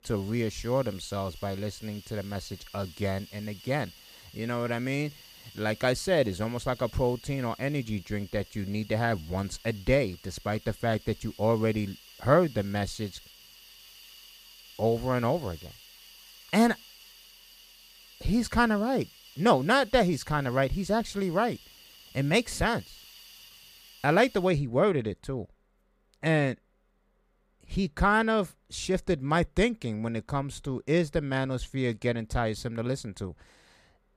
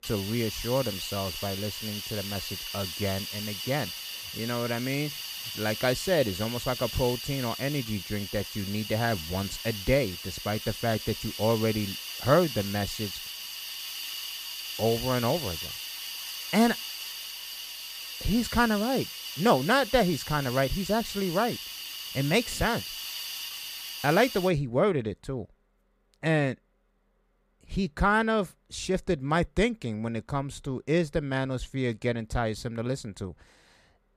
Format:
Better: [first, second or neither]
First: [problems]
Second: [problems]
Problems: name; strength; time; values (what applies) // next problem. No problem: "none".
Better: first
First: hiss; faint; until 24 s; 20 dB below the speech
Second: hiss; loud; until 24 s; 6 dB below the speech